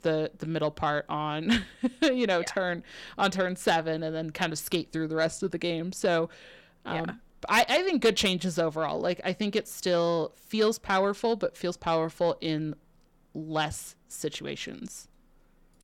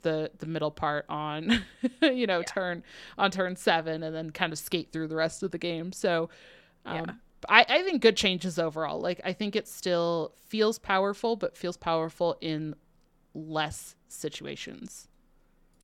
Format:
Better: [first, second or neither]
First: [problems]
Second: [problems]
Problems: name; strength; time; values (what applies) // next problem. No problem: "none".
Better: second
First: distortion; slight; 10 dB below the speech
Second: none